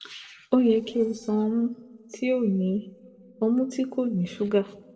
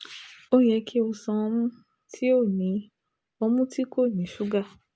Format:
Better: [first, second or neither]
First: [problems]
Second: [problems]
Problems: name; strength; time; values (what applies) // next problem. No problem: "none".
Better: second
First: noise reduction (neural separator model SepFormer DNS4)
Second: none